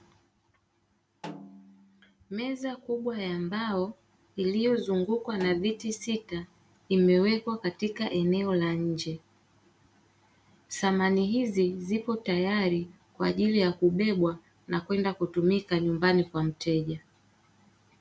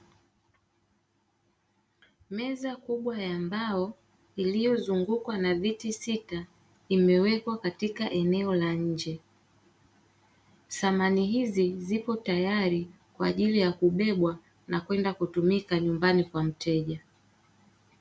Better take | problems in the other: second | background sound (Snare drum); 20 dB below the speech

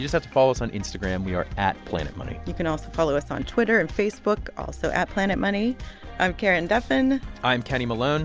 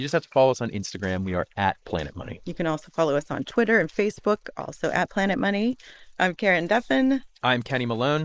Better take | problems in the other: first | noise reduction (neural mask model Resemble Enhance denoiser)

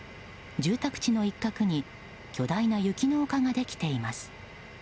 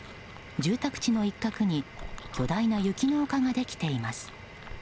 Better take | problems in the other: first | background sound (Chewing, mastication); 16 dB below the speech

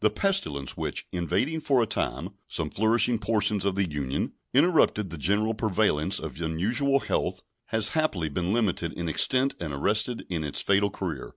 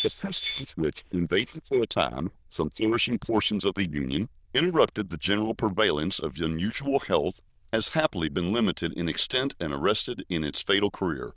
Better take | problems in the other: first | noise reduction (neural diffusion model UNIVERSE++)

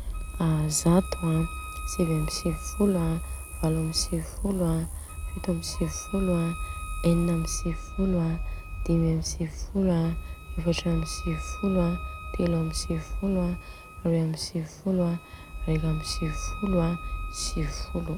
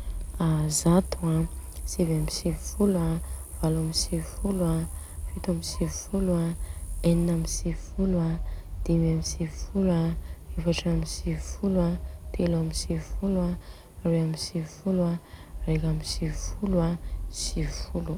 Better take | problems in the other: second | background sound (Wind instrument, woodwind instrument); 18 dB below the speech

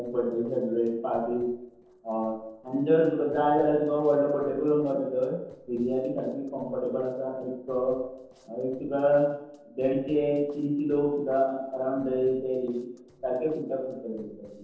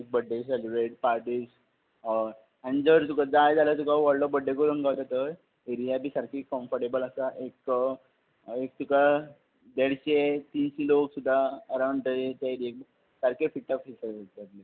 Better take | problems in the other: second | noise reduction (neural separator model SepFormer DNS4)

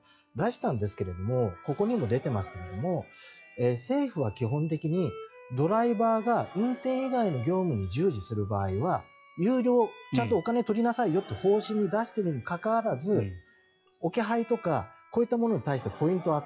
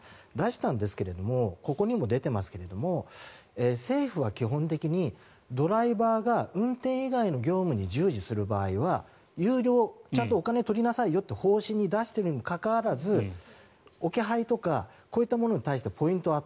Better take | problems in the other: second | noise reduction (classical method log-MMSE)

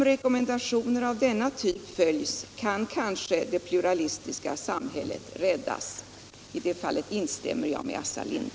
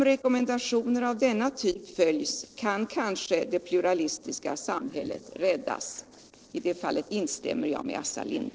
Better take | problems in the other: first | noise reduction (neural separator model SepFormer DNS4)

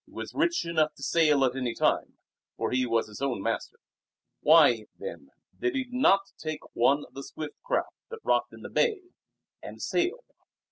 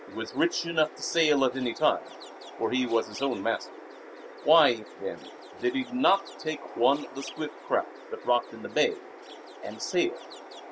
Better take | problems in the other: first | background sound (Chirp, tweet); 16 dB below the speech

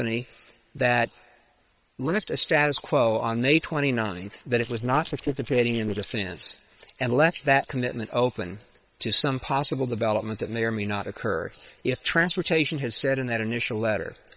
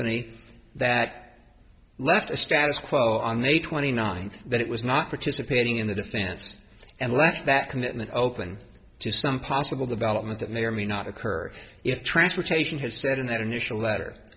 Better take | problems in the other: second | noise reduction (neural separator model SepFormer WHAM!)

